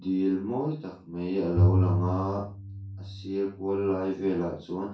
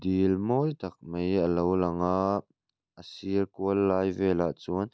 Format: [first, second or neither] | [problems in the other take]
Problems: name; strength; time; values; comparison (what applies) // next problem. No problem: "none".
second | background sound (Bowed string instrument); 2 dB above the speech // room echo; dies away in 0.3 s